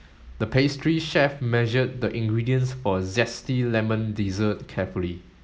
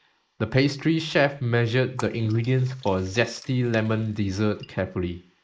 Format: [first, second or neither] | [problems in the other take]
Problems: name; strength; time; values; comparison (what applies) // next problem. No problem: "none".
first | noise reduction (neural mask model Resemble Enhance denoiser)